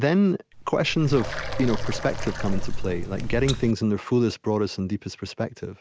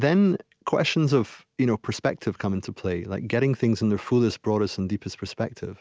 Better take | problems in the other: second | background sound (Water); 3 dB below the speech

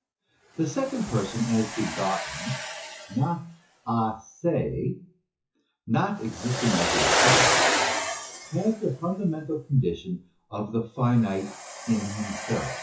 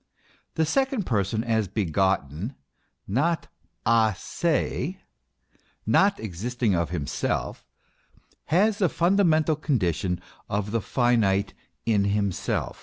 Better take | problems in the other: second | noise reduction (classical method WPE with log-MMSE)

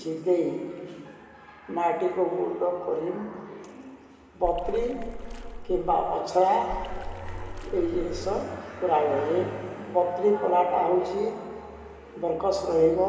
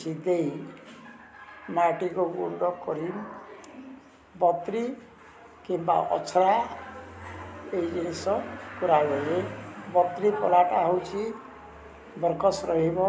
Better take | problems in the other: second | background sound (Water / Splash, splatter); 9 dB below the speech // room echo; dies away in 2.3 s

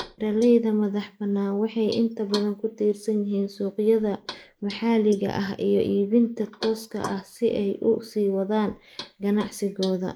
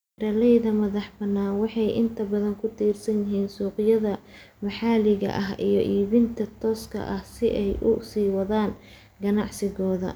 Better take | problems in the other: second | noise reduction (neural mask model Resemble Enhance denoiser)

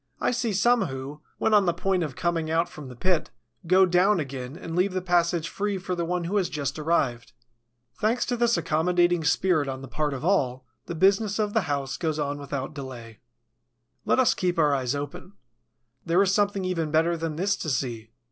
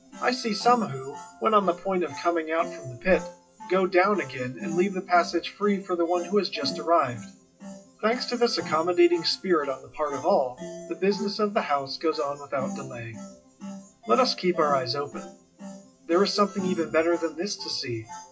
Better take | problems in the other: first | noise reduction (classical method WPE with log-MMSE)

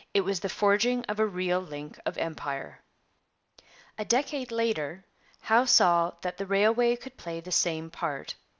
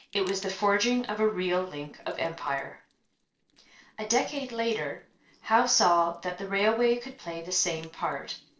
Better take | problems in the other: first | noise reduction (neural separator model SepFormer DNS4)

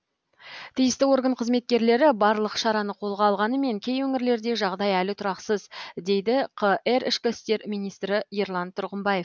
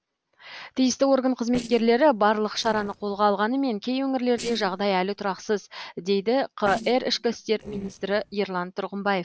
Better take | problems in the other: first | noise reduction (neural separator model SepFormer DNS4)

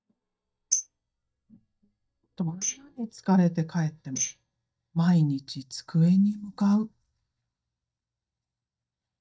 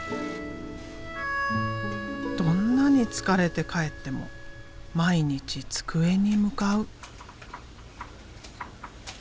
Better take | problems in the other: second | noise reduction (neural mask model DeepFilterNet 3)

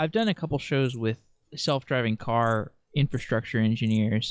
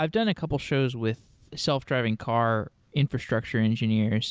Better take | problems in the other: second | noise reduction (classical method log-MMSE)

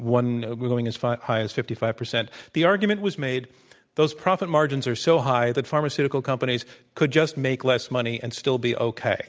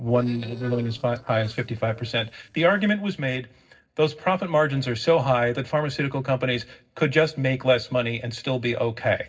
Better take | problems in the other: first | noise reduction (neural separator model SepFormer DNS4)

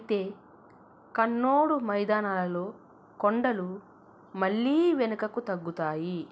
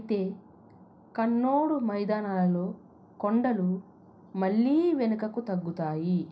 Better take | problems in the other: first | room echo; dies away in 0.5 s

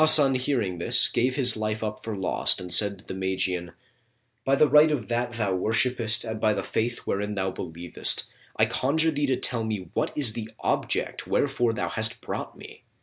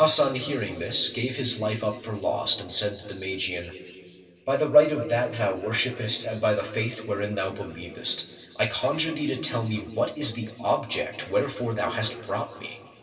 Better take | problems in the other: first | room echo; dies away in 2.5 s

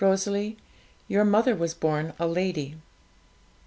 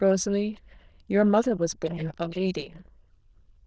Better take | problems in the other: first | noise reduction (neural diffusion model UNIVERSE++)

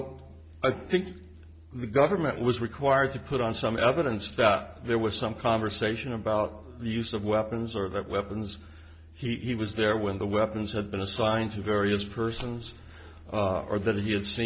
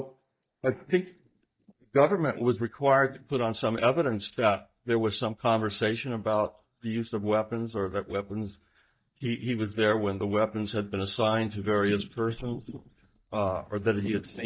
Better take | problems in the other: first | noise reduction (neural mask model DeepFilterNet 3)

